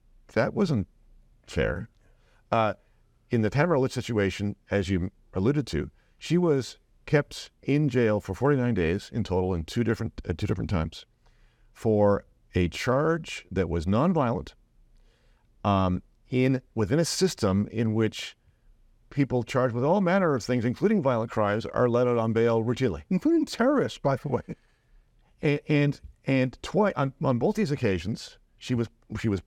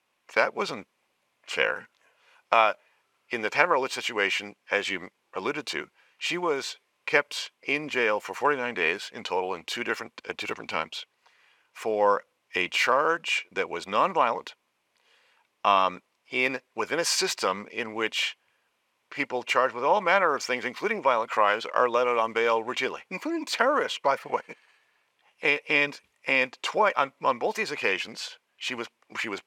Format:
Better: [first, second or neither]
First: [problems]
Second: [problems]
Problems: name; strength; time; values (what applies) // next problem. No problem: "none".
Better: first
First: none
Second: thin; very; fading below 600 Hz